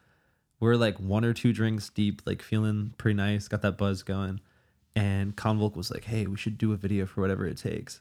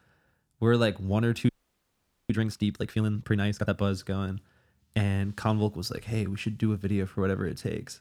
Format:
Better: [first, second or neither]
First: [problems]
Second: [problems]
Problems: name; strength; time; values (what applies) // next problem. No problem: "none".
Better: first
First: none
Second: audio freezing; at 1.5 s for 1 s